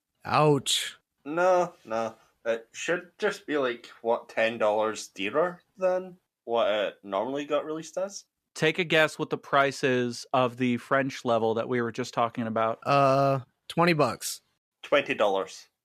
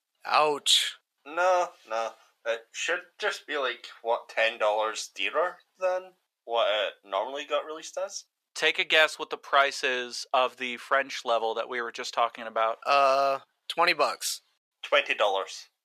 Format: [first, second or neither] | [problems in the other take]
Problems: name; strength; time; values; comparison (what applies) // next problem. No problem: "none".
first | thin; very; fading below 700 Hz